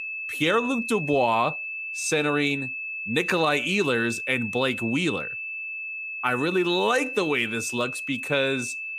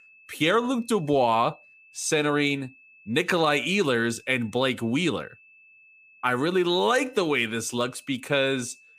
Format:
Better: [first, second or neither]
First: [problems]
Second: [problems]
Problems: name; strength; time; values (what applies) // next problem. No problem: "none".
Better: second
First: high-pitched whine; loud; throughout; 2.5 kHz, 5 dB below the speech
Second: high-pitched whine; faint; throughout; 2.5 kHz, 25 dB below the speech